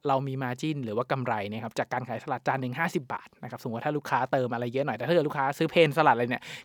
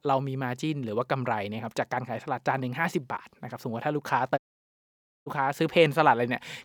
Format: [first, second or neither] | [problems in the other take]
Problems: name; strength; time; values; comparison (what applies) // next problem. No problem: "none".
first | audio cutting out; at 4.5 s for 1 s